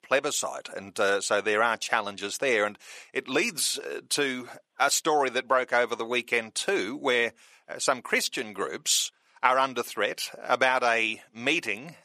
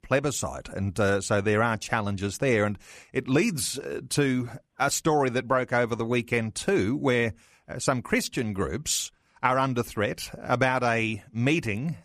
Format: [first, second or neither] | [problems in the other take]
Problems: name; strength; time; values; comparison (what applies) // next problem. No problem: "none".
second | thin; somewhat; fading below 450 Hz